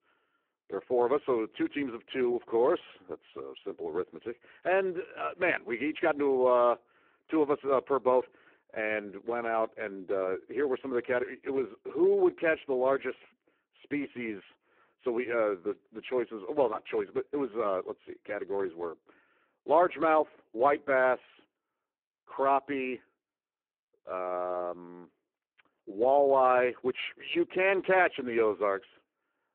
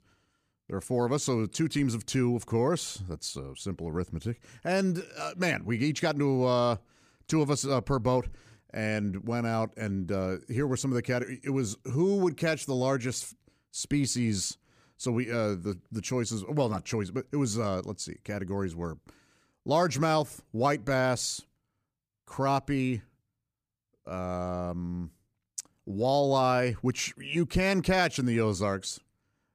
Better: second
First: phone-call audio; poor line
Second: none

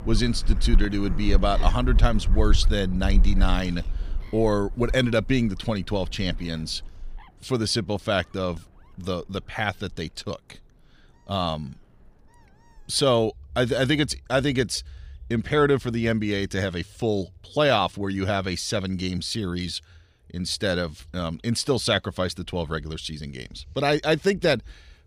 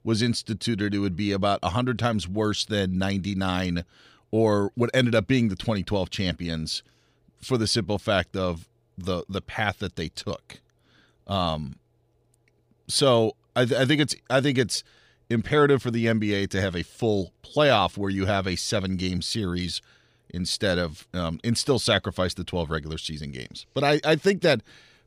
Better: second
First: animal sounds; loud; throughout; 4 dB below the speech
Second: none

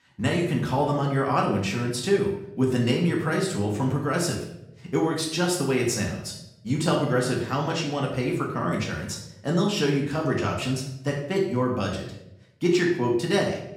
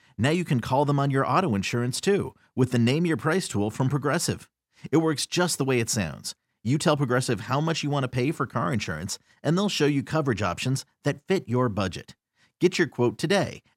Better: second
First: room echo; noticeable; dies away in 0.6 s // off-mic speech; far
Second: none

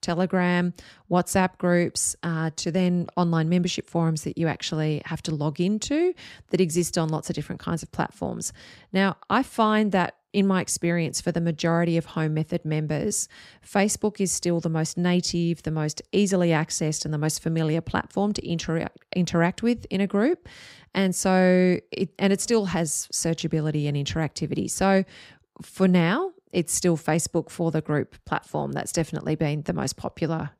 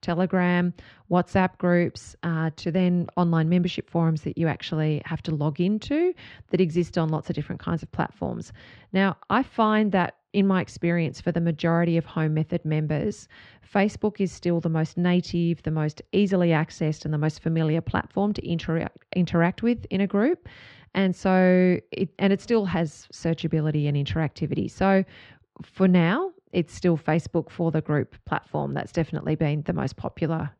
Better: first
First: none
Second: muffled; slightly; fading above 3.5 kHz

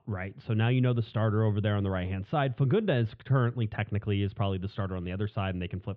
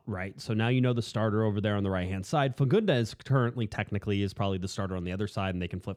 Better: second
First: muffled; very; fading above 3.5 kHz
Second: none

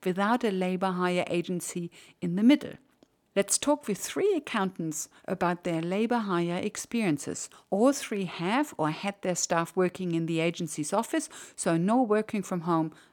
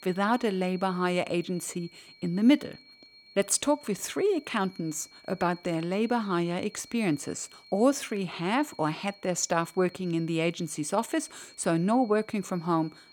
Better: first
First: none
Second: high-pitched whine; faint; throughout; 4.5 kHz, 25 dB below the speech

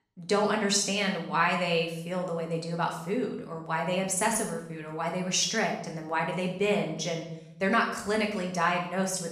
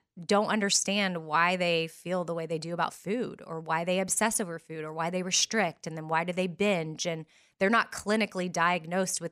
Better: second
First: room echo; noticeable; dies away in 0.7 s // off-mic speech; somewhat distant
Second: none

